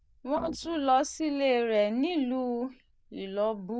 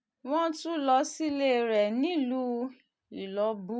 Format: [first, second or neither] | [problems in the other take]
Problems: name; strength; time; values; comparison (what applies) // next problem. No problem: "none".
second | noise reduction (neural diffusion model UNIVERSE++)